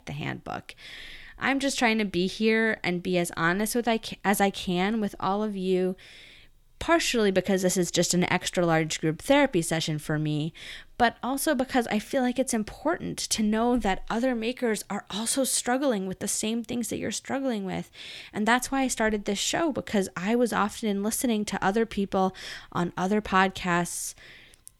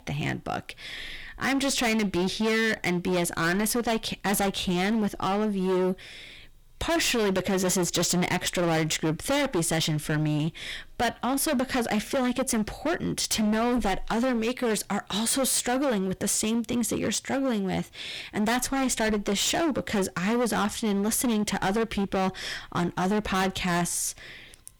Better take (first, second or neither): first